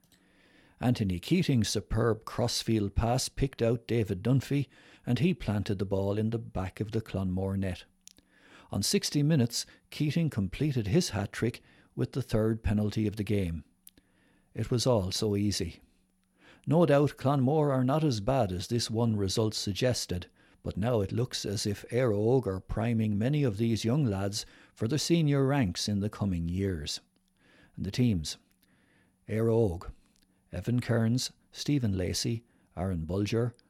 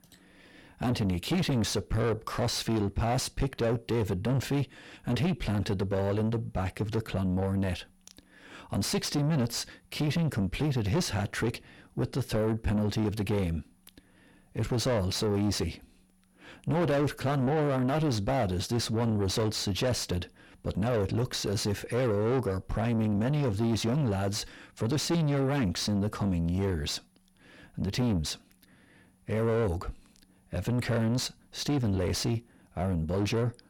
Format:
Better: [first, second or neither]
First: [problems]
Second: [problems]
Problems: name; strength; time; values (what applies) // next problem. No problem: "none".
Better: first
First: none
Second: distortion; heavy; 7 dB below the speech